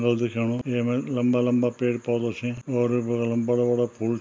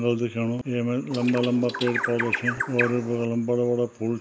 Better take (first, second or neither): first